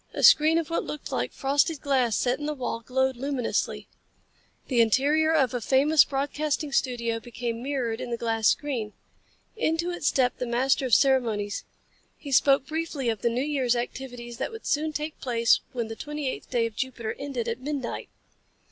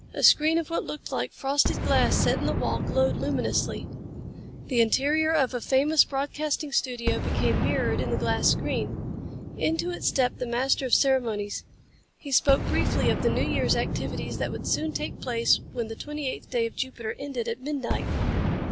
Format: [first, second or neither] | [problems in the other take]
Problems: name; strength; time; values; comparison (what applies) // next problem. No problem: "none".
first | background sound (Boom); 3 dB below the speech